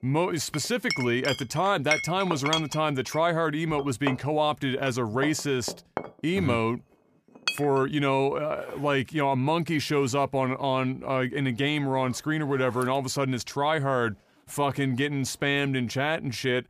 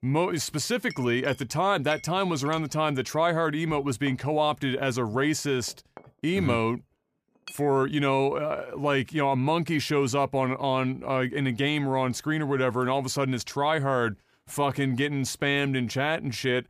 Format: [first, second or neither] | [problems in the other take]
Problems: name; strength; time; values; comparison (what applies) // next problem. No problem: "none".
second | household noises; loud; throughout; 8 dB below the speech; faint in the second